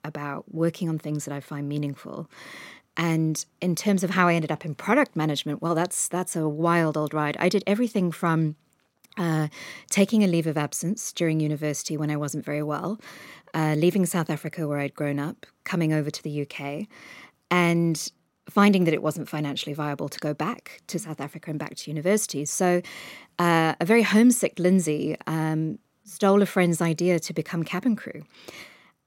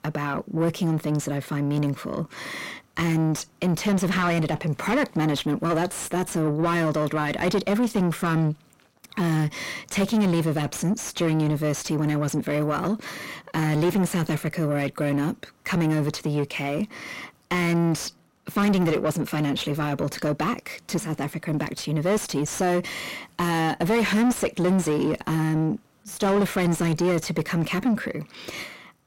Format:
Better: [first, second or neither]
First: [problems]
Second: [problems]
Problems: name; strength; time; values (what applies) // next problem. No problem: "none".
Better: first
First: none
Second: distortion; heavy; 6 dB below the speech